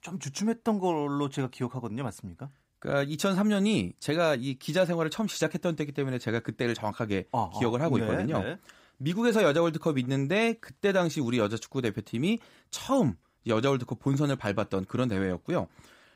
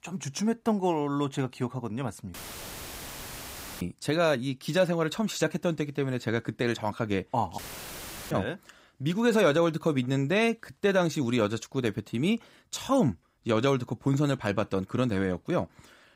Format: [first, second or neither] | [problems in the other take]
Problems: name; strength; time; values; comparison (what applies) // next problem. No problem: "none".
first | audio cutting out; filled with static; at 2.5 s for 1.5 s and at 7.5 s for 0.5 s